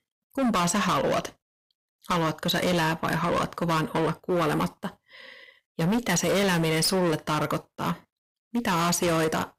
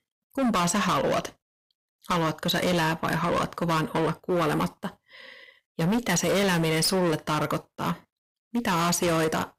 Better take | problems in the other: neither | distortion; heavy; 20% of the sound clipped; the same in both

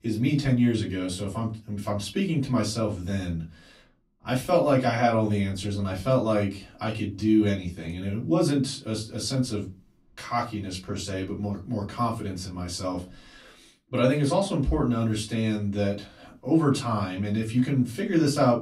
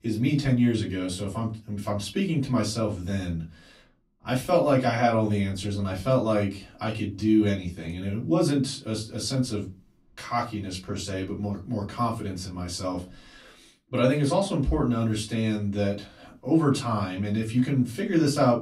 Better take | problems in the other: neither | off-mic speech; far; the same in both // room echo; very slight; dies away in 0.2 s; the same in both

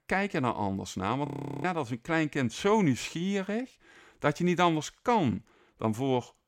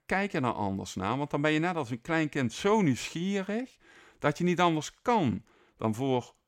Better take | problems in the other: second | audio freezing; at 1.5 s

